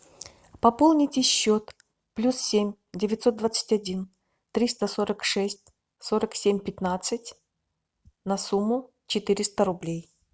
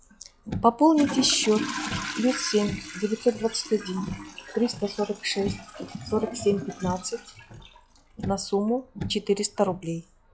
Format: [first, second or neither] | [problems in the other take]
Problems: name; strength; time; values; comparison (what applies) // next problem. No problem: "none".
first | noise reduction (classical method log-MMSE)